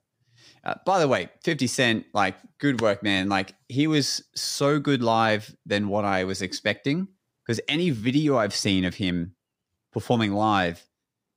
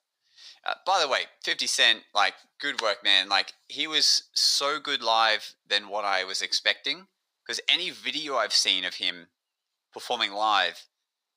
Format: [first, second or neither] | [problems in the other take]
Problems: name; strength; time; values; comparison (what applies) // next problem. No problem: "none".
first | thin; very; fading below 900 Hz